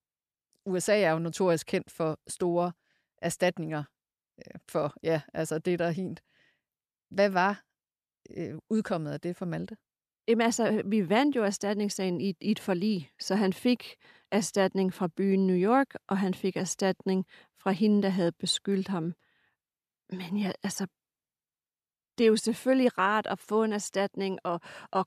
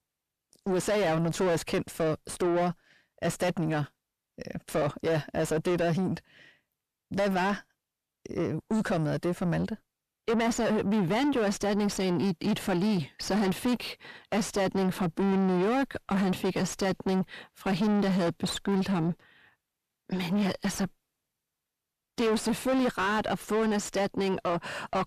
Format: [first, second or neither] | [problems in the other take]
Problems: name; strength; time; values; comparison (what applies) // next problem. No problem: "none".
first | distortion; heavy; 5 dB below the speech